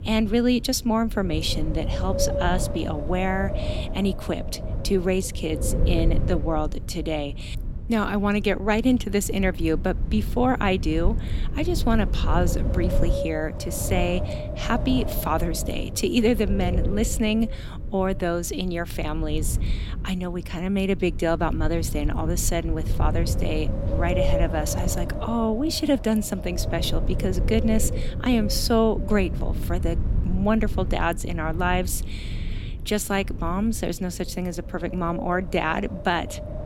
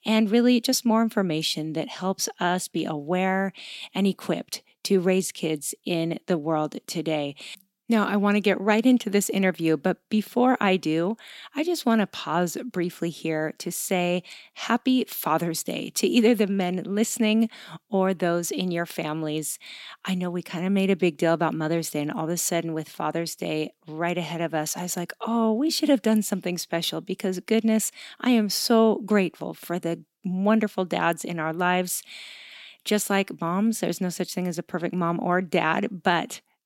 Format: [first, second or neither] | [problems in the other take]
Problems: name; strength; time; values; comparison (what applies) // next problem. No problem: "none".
second | wind noise on the microphone; heavy; 9 dB below the speech